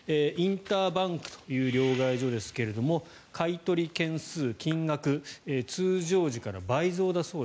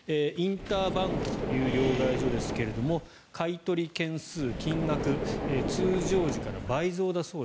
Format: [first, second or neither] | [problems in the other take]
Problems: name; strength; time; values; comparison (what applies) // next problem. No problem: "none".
first | background sound (Car); 2 dB below the speech